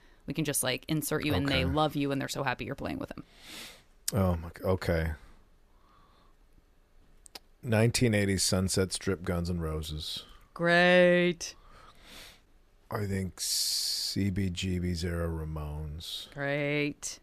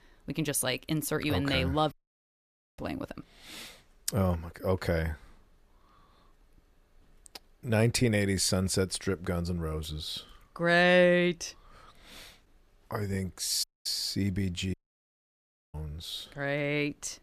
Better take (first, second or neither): first